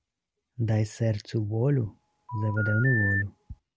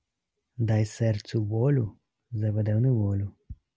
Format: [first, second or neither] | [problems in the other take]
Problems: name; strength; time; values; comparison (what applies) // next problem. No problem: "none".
second | background sound (Telephone); 5 dB below the speech